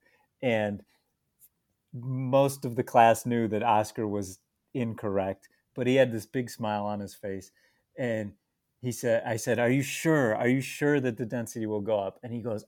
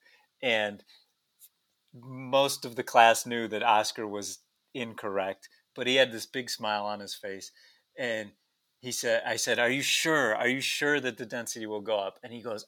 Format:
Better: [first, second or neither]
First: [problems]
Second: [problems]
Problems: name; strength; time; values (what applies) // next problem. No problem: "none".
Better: first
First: none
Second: thin; somewhat; fading below 600 Hz